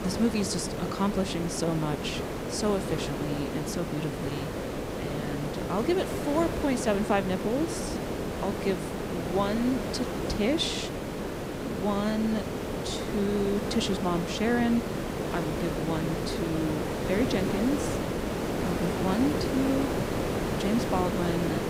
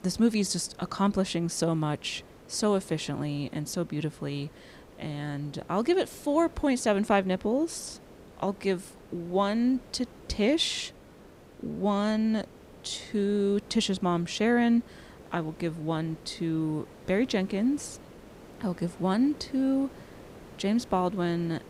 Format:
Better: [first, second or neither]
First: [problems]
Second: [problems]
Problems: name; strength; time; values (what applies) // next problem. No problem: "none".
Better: second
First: hiss; loud; throughout; 1 dB below the speech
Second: hiss; faint; throughout; 20 dB below the speech